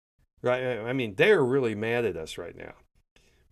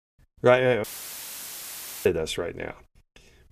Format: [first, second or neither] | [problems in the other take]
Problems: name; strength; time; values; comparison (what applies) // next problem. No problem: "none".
first | audio cutting out; filled with static; at 1 s for 1 s